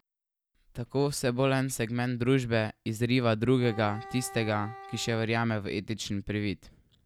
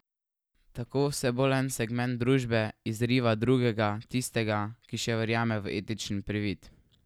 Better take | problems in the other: second | background sound (Wind instrument, woodwind instrument); 16 dB below the speech

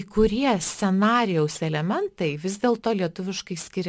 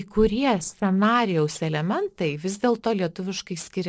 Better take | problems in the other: first | noise reduction (neural separator model SepFormer DNS4)

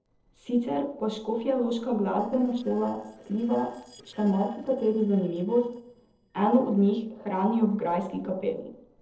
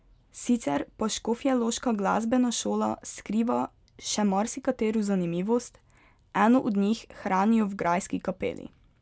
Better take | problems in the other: second | noise reduction (neural separator model SepFormer DNS4)

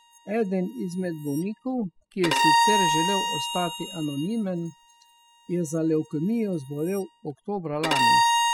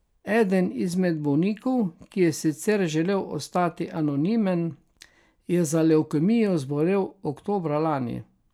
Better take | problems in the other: second | noise reduction (classical method spectral subtraction)

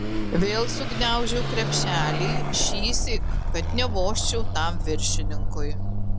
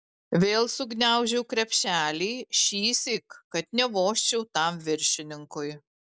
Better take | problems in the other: second | background sound (Car passing by / Accelerating, revving, vroom); 5 dB above the speech

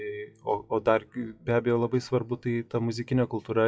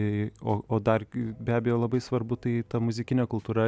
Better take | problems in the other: second | noise reduction (classical method WPE with log-MMSE)

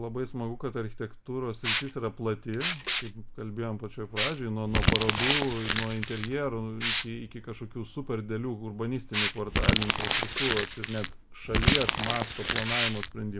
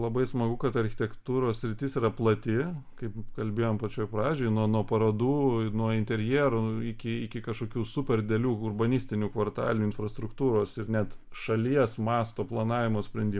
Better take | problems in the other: second | background sound (Crumpling, crinkling + Liquid); 1 dB above the speech

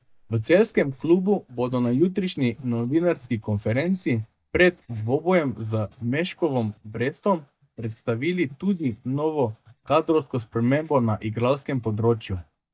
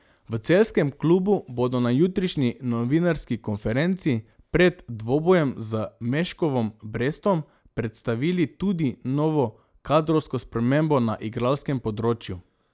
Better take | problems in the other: second | noise reduction (neural mask model DeepFilterNet 3)

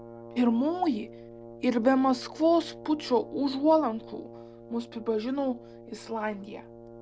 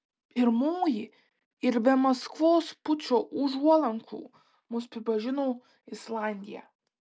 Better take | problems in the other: second | background sound (Brass instrument); 17 dB below the speech

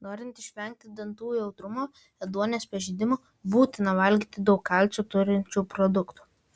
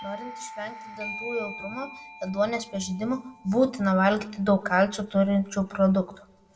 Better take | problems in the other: first | background sound (Doorbell); 17 dB below the speech // room echo; dies away in 0.3 s

